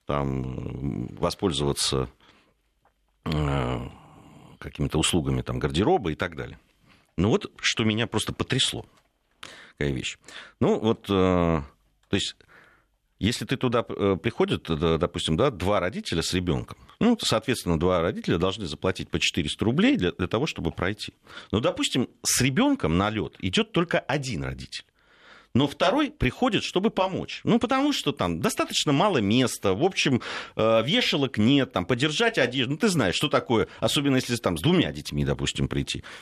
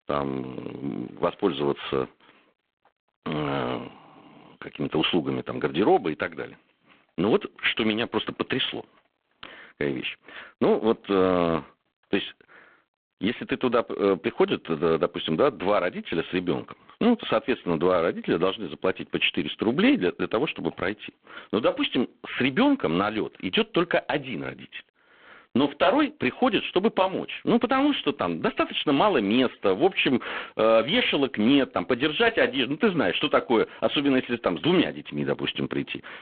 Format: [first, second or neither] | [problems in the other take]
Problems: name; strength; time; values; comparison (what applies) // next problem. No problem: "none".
first | phone-call audio; poor line